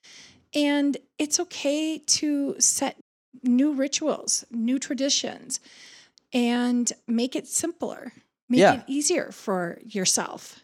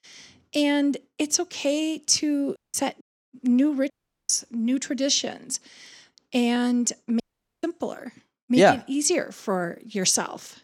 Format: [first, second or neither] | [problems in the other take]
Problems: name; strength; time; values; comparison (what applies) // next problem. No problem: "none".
first | audio cutting out; at 2.5 s, at 4 s and at 7 s